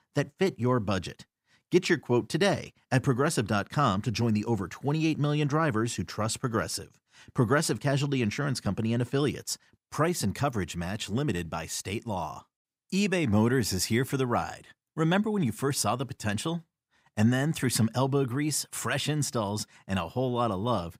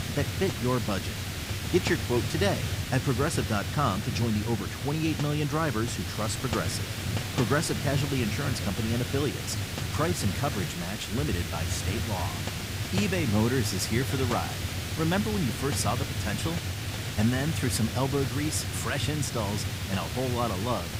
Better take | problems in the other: first | hiss; loud; throughout; 2 dB below the speech

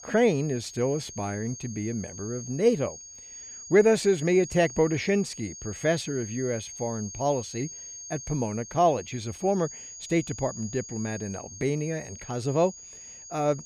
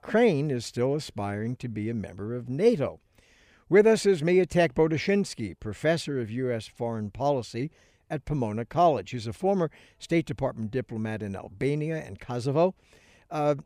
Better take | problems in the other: second | high-pitched whine; noticeable; throughout; 6.5 kHz, 10 dB below the speech

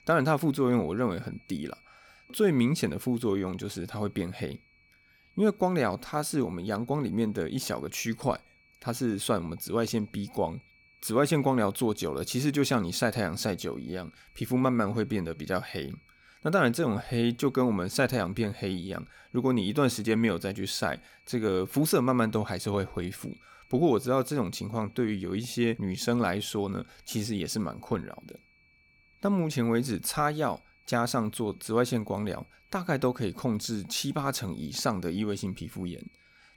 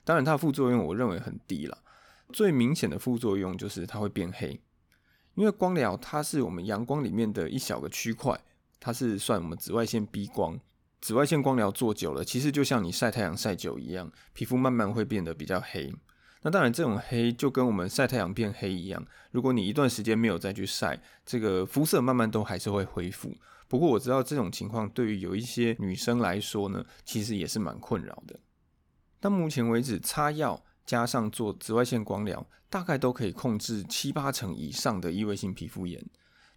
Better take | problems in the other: second | high-pitched whine; faint; throughout; 2.5 kHz, 30 dB below the speech

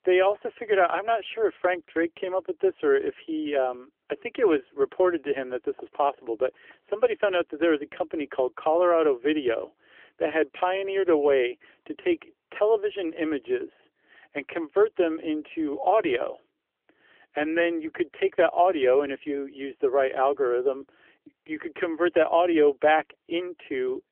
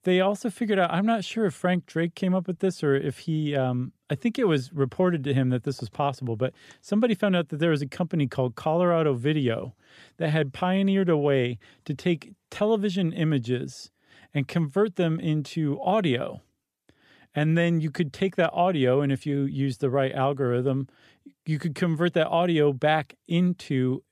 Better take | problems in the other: second | phone-call audio; nothing above 3.5 kHz

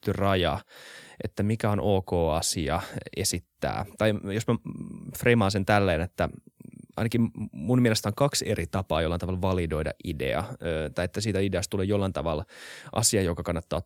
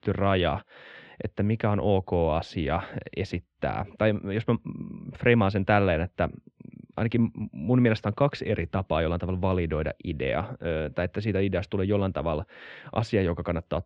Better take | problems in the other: first | muffled; very; fading above 3 kHz

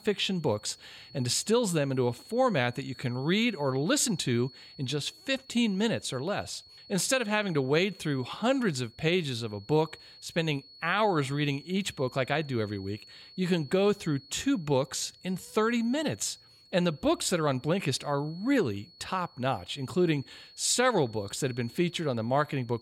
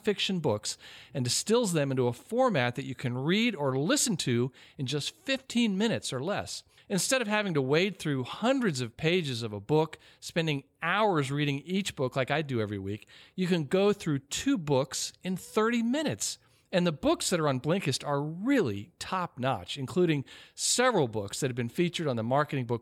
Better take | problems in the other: second | high-pitched whine; faint; throughout; 4.5 kHz, 20 dB below the speech

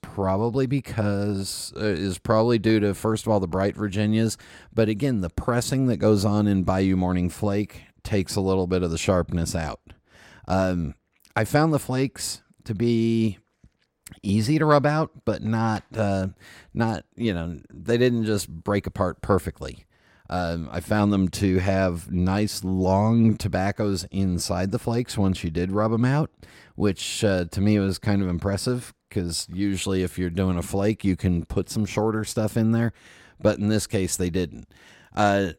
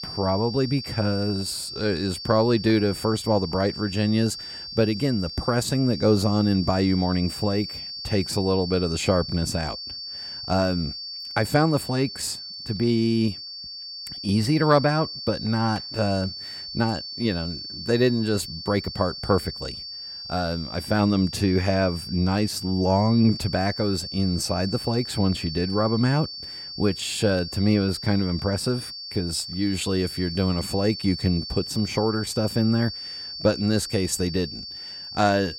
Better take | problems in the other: first | high-pitched whine; loud; throughout; 4.5 kHz, 9 dB below the speech

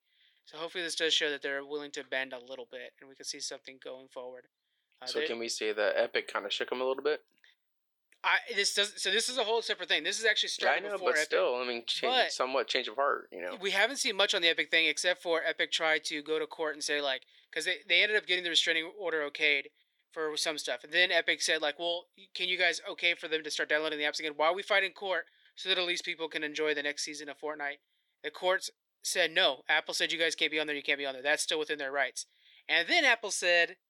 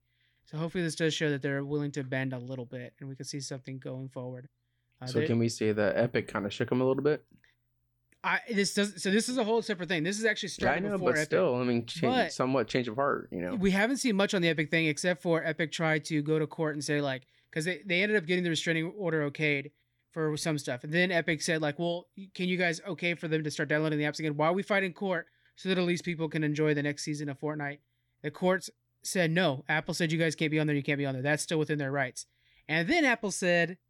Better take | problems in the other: second | thin; very; fading below 450 Hz

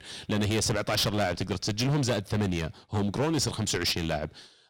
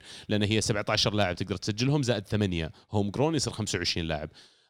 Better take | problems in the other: second | distortion; heavy; 14% of the sound clipped

